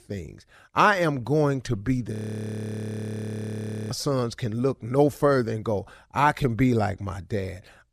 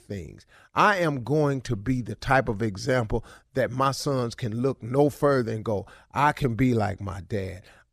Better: second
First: audio freezing; at 2 s for 2 s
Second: none

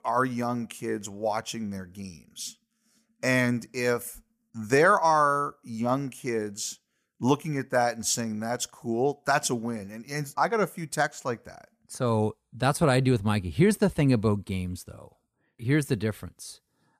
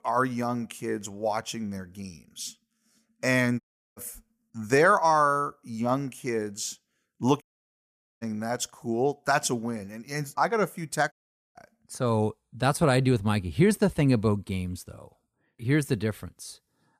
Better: first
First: none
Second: audio cutting out; at 3.5 s, at 7.5 s for 1 s and at 11 s

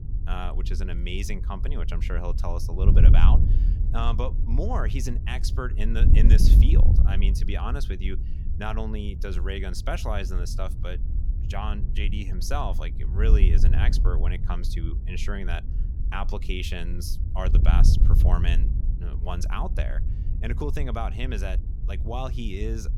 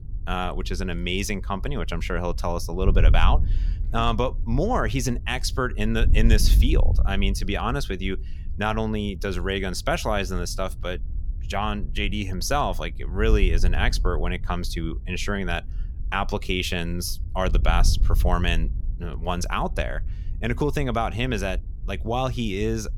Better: second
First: wind noise on the microphone; heavy; 8 dB below the speech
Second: wind noise on the microphone; occasional gusts; 20 dB below the speech

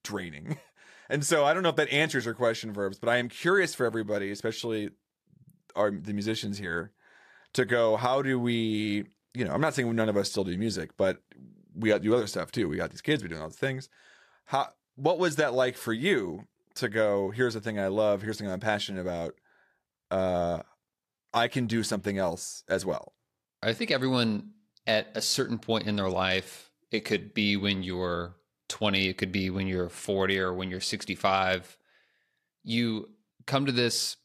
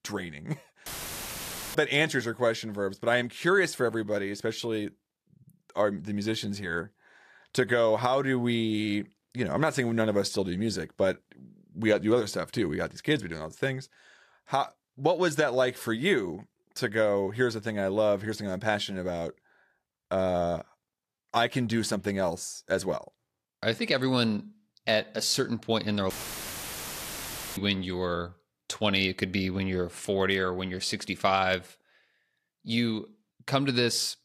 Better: first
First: none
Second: audio cutting out; filled with static; at 1 s for 1 s and at 26 s for 1.5 s

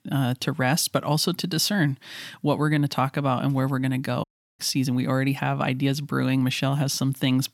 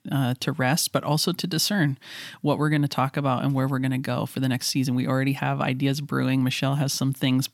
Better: second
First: audio cutting out; at 4 s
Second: none

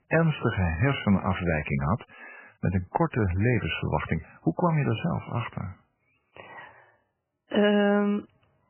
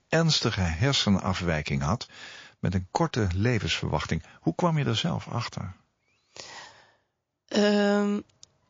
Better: second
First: garbled, watery; badly; nothing above 3 kHz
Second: garbled, watery; slightly

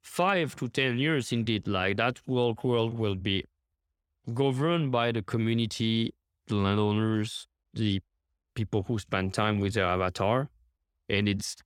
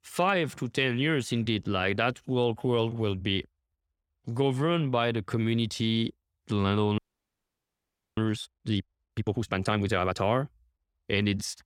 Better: first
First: none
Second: audio freezing; at 7 s for 1 s

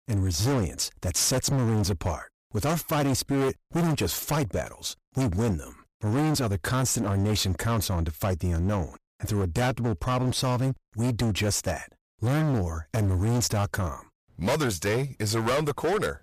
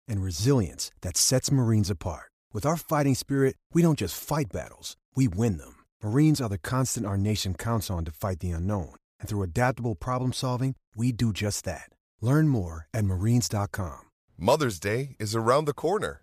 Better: second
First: distortion; heavy; 23% of the sound clipped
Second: none

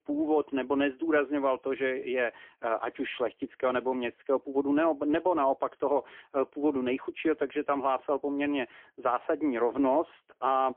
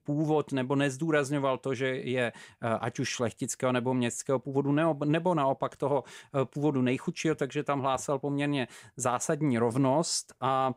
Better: second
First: phone-call audio; poor line; nothing above 3.5 kHz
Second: none

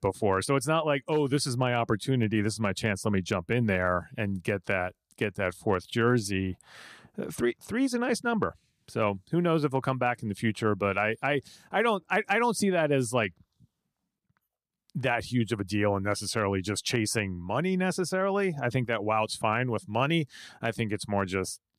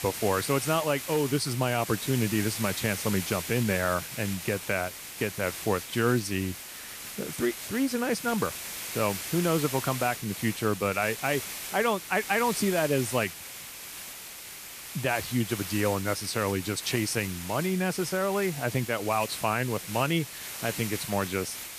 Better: first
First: none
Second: hiss; loud; throughout; 7 dB below the speech

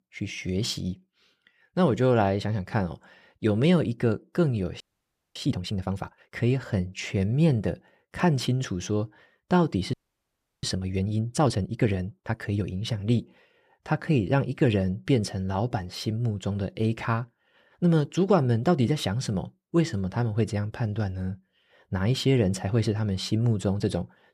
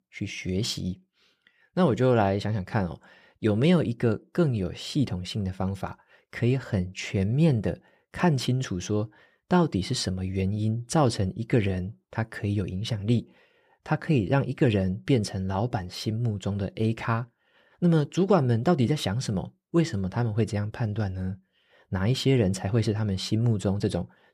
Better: second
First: audio freezing; at 5 s for 0.5 s and at 10 s for 0.5 s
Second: none

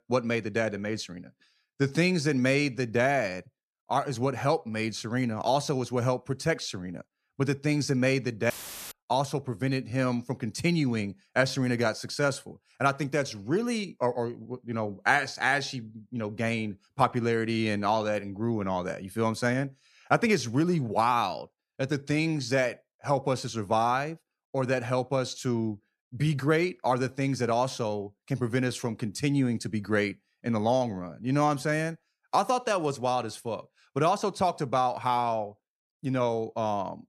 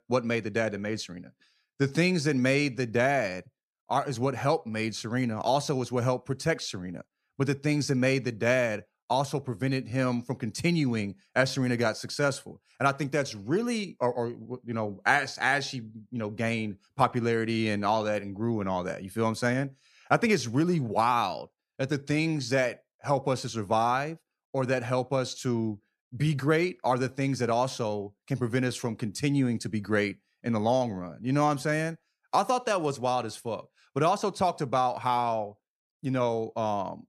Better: second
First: audio cutting out; filled with static; at 8.5 s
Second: none

